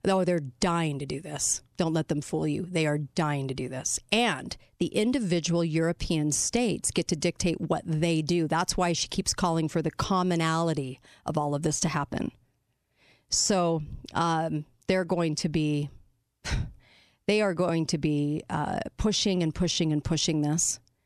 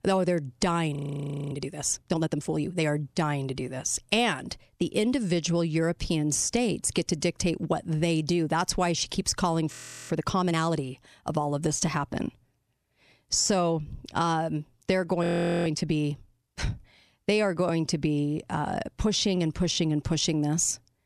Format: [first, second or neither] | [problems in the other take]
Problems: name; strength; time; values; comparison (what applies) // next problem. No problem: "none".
first | audio freezing; at 1 s for 0.5 s, at 9.5 s and at 15 s